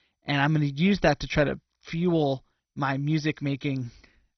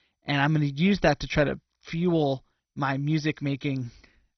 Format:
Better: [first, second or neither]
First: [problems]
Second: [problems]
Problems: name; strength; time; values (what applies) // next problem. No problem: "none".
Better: neither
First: garbled, watery; badly; nothing above 6 kHz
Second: garbled, watery; badly; nothing above 6 kHz